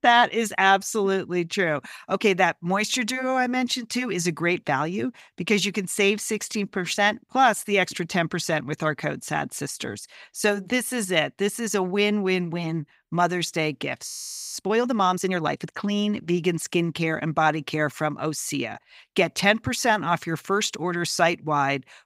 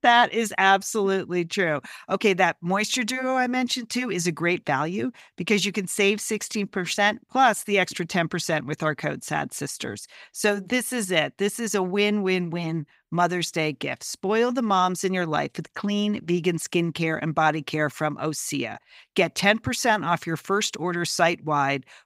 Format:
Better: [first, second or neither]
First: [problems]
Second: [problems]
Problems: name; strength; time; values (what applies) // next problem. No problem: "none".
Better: second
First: audio freezing; at 14 s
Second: none